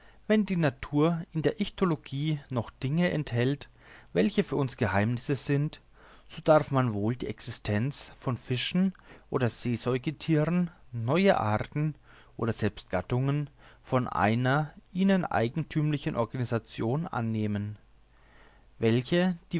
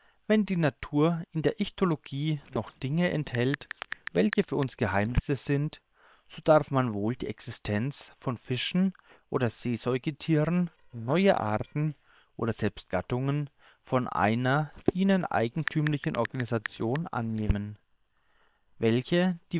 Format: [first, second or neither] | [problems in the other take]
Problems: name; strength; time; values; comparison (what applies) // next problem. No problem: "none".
first | noise reduction (neural separator model SepFormer WHAM!)